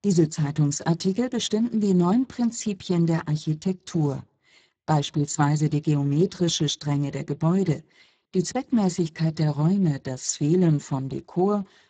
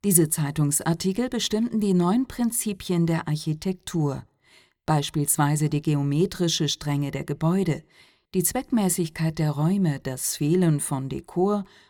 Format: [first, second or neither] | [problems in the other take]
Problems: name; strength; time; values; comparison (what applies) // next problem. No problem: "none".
second | garbled, watery; badly; nothing above 7.5 kHz